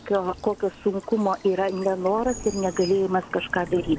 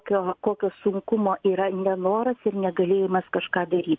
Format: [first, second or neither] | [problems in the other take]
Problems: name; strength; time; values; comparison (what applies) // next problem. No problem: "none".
second | background sound (Stream / Bird vocalization, bird call, bird song); 16 dB below the speech